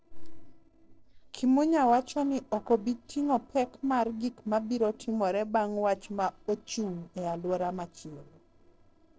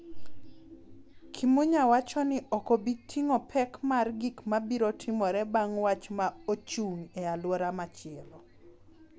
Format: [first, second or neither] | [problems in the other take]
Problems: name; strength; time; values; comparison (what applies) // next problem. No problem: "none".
second | noise reduction (neural separator model SepFormer DNS4)